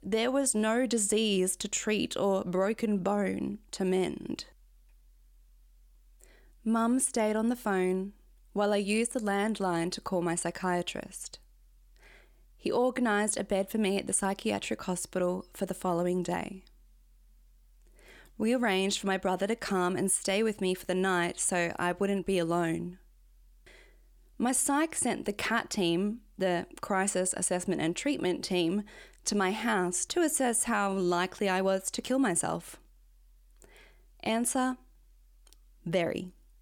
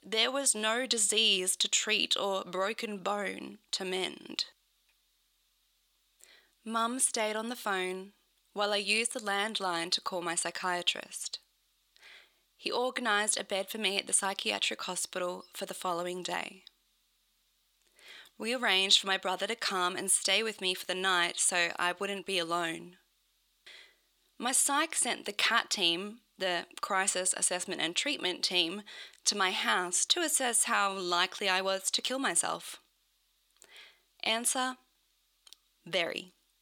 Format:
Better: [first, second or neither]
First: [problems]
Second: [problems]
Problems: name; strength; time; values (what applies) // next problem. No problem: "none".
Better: first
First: none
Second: thin; somewhat; fading below 850 Hz